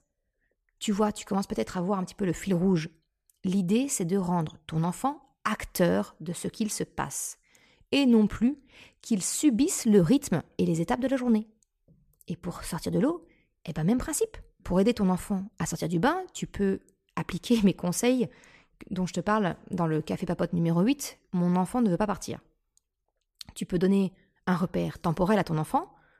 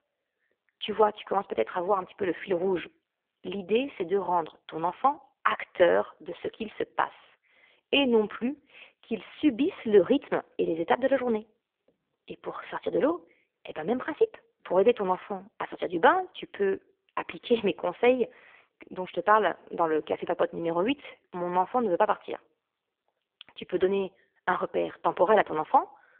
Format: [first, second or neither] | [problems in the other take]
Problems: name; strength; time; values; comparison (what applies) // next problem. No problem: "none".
first | phone-call audio; poor line; nothing above 3 kHz